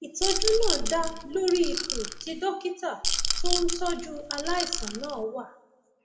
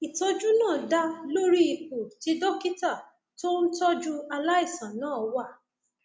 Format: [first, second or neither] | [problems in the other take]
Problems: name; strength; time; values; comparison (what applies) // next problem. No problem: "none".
second | background sound (Rattle / Rattle (instrument)); 2 dB above the speech // room echo; dies away in 0.7 s